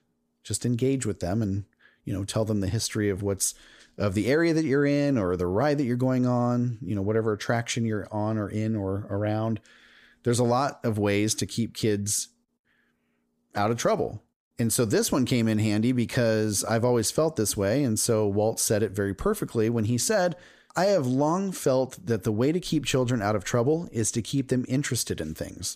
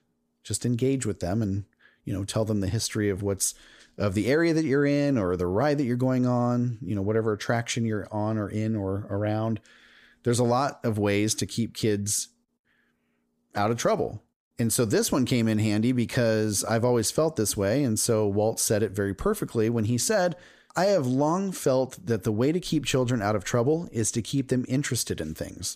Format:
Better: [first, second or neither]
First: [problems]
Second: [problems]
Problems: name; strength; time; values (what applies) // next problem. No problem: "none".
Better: neither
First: none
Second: none